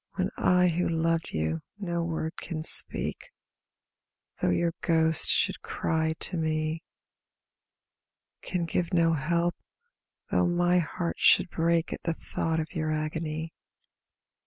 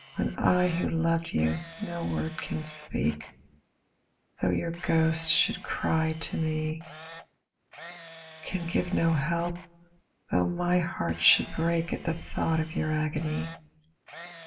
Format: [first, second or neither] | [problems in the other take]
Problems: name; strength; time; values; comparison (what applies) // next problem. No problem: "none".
first | background sound (Camera); 19 dB below the speech // room echo; dies away in 0.4 s